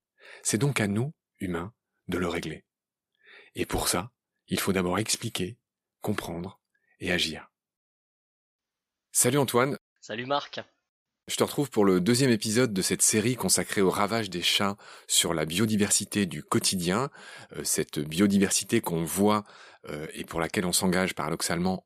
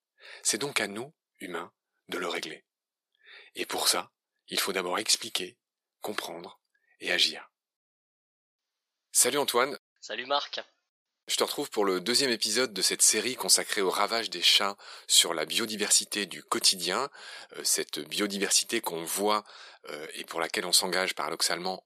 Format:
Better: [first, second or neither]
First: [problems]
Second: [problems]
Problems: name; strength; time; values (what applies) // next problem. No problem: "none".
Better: first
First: none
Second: thin; somewhat; fading below 450 Hz